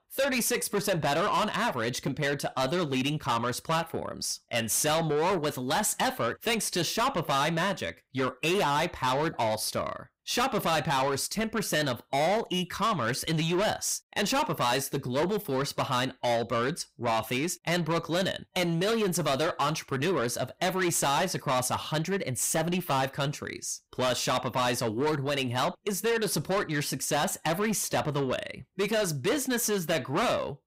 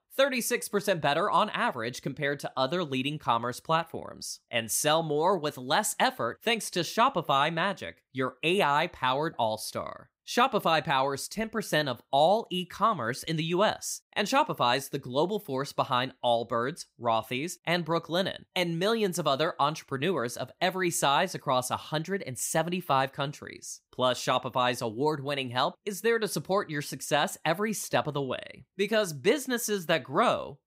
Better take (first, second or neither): second